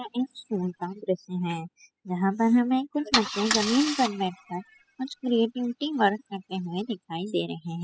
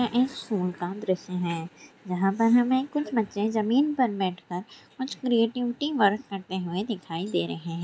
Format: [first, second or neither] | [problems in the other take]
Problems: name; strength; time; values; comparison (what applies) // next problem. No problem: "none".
second | noise reduction (classical method spectral subtraction)